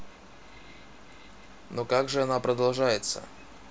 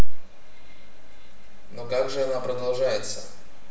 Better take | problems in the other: first | room echo; dies away in 0.7 s

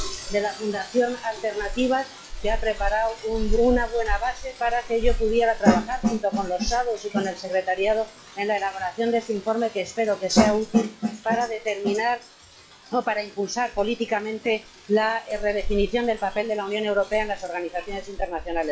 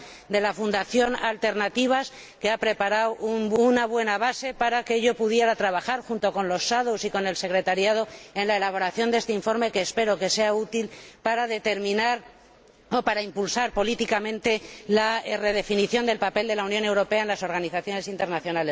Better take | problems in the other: second | noise reduction (classical method log-MMSE)

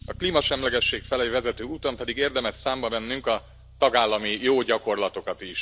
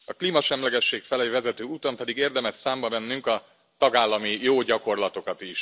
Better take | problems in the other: second | background sound (Bass guitar); 19 dB below the speech

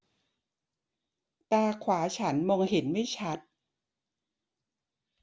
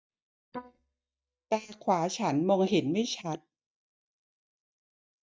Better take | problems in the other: first | noise reduction (neural mask model DeepFilterNet 3)

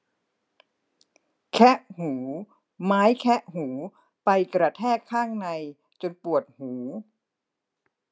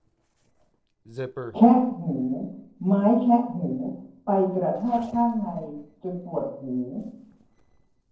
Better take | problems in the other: first | noise reduction (neural separator model SepFormer DNS4)

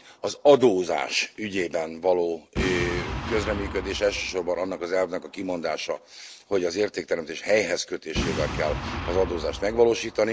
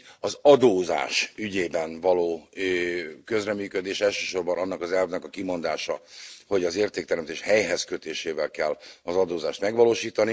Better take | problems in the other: second | background sound (Boom); 10 dB below the speech

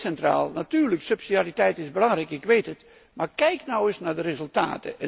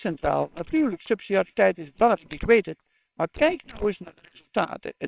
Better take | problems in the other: first | noise reduction (neural separator model SepFormer WHAMR!)

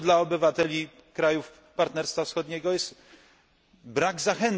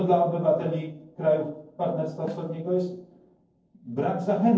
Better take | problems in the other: first | noise reduction (neural separator model SepFormer DNS4)

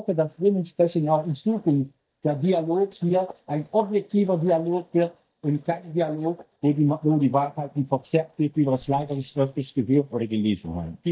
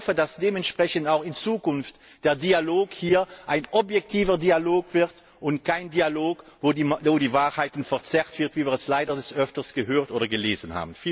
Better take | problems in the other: second | noise reduction (neural mask model DeepFilterNet 3)

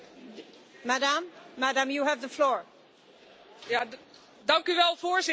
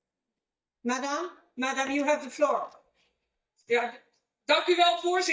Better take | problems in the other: first | noise reduction (neural mask model DeepFilterNet 3)

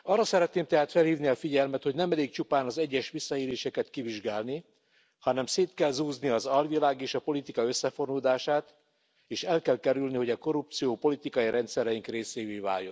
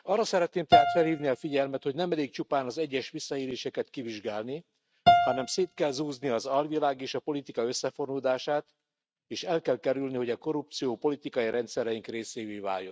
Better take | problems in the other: first | noise reduction (neural mask model RNNoise)

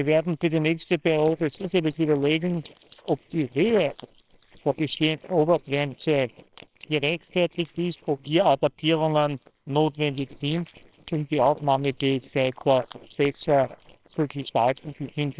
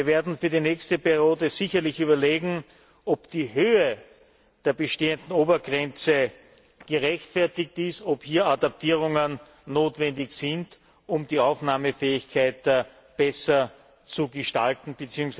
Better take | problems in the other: second | noise reduction (neural separator model SepFormer WHAMR!)

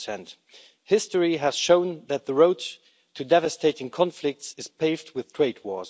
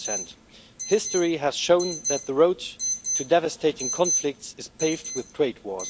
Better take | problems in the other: first | background sound (Alarm); 7 dB below the speech

